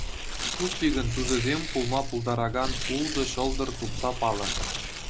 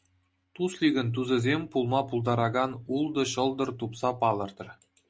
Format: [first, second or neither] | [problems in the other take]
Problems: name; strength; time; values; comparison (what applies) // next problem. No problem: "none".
second | background sound (Walk, footsteps + Tearing); 2 dB below the speech